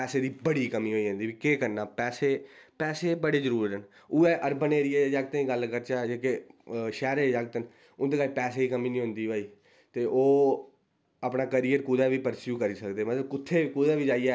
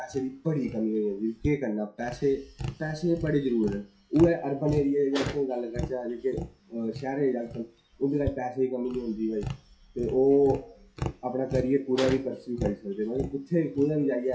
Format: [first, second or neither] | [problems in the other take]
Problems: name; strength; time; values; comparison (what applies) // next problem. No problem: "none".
first | noise reduction (classical method WPE with log-MMSE)